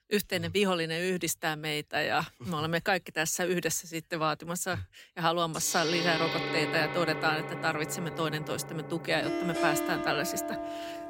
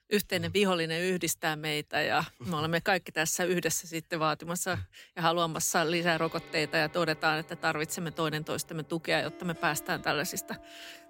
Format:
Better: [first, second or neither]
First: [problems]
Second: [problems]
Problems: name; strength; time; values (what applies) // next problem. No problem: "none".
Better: second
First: background music; loud; from 6 s on; 4 dB below the speech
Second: background music; faint; from 6 s on; 20 dB below the speech